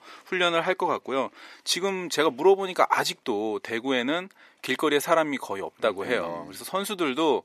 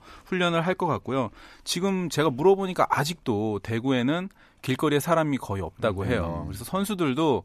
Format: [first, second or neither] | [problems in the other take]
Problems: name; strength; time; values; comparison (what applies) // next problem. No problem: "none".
second | thin; somewhat; fading below 400 Hz